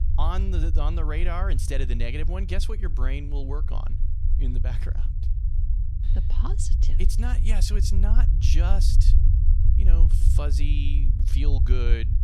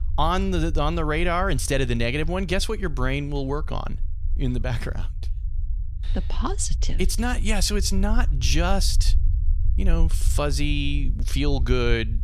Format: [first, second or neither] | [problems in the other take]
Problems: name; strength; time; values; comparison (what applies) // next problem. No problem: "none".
second | low rumble; loud; throughout; 7 dB below the speech; faint in the second